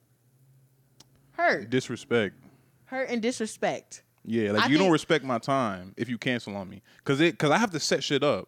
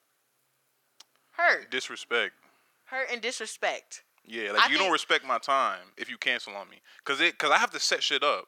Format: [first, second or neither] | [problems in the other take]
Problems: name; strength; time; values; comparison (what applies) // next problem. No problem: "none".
first | thin; very; fading below 600 Hz